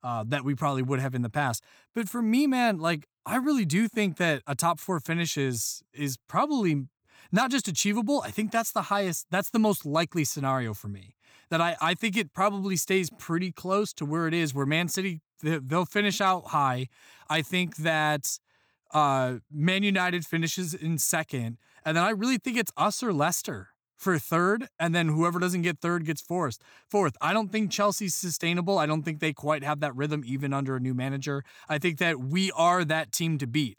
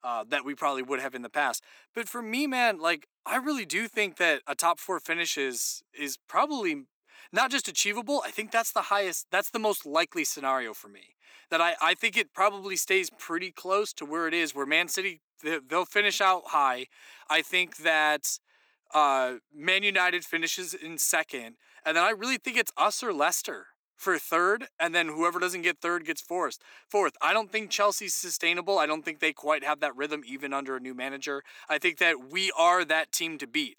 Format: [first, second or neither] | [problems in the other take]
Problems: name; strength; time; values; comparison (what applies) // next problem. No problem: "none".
first | thin; somewhat; fading below 350 Hz